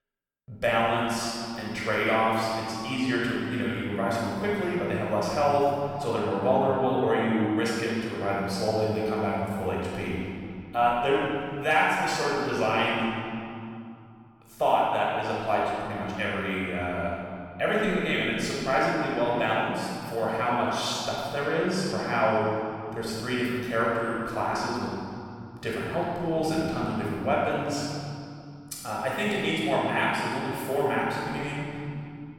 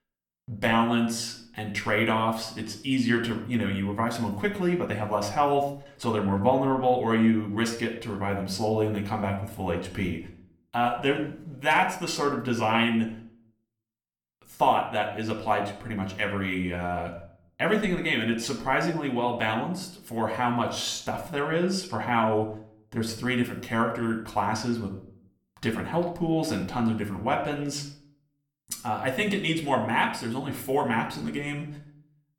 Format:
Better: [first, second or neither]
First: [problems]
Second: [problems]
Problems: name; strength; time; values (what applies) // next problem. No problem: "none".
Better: second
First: room echo; strong; dies away in 2.4 s // off-mic speech; far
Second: room echo; slight; dies away in 0.5 s // off-mic speech; somewhat distant